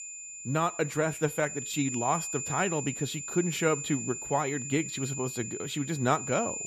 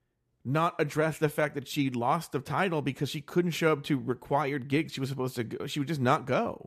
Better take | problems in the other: second | high-pitched whine; loud; throughout; 7 kHz, 5 dB below the speech

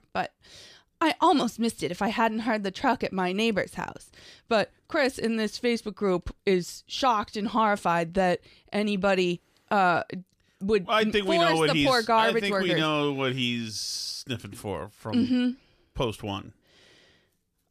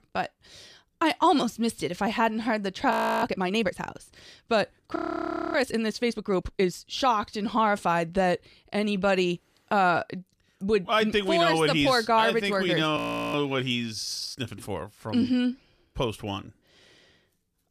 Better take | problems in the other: first | audio freezing; at 3 s, at 5 s for 0.5 s and at 13 s

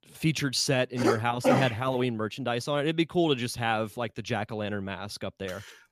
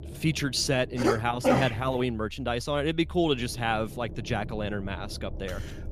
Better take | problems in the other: first | low rumble; faint; throughout; 20 dB below the speech

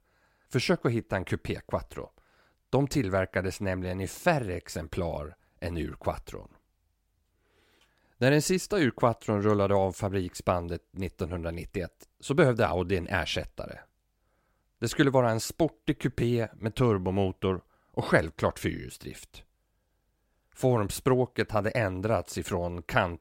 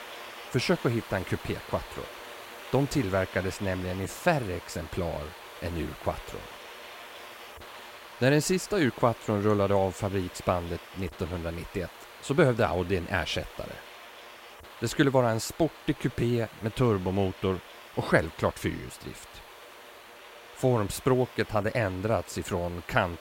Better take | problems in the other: first | hiss; noticeable; throughout; 15 dB below the speech

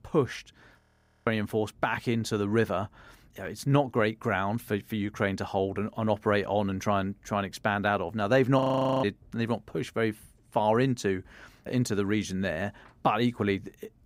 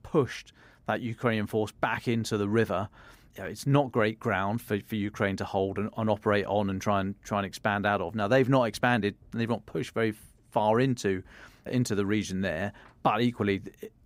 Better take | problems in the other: second | audio freezing; at 1 s and at 8.5 s

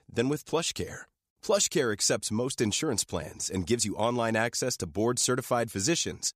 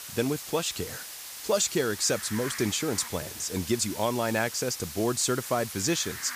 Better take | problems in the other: first | hiss; loud; throughout; 9 dB below the speech

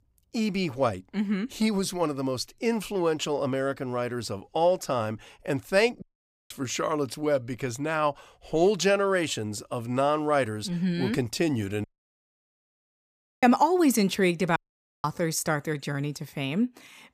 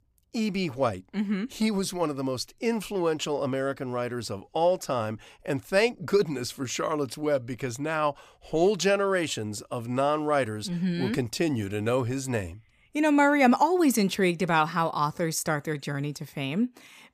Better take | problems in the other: second | audio cutting out; at 6 s, at 12 s for 1.5 s and at 15 s

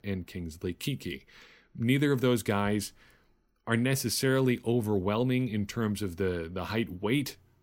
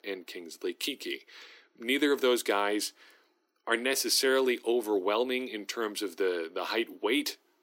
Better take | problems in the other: first | thin; somewhat; fading below 300 Hz

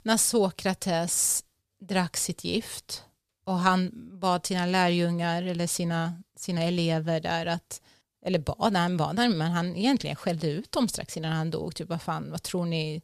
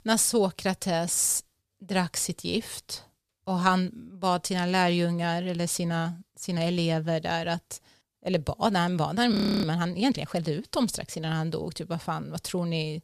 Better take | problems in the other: first | audio freezing; at 9.5 s

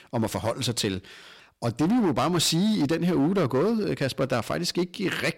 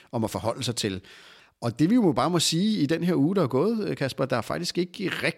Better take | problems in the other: second | distortion; slight; 13% of the sound clipped

